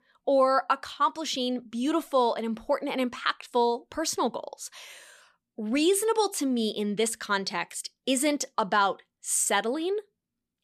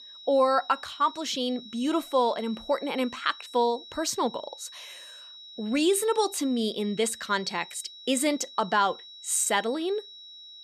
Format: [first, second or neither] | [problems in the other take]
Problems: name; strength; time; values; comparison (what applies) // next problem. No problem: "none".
first | high-pitched whine; noticeable; throughout; 4 kHz, 15 dB below the speech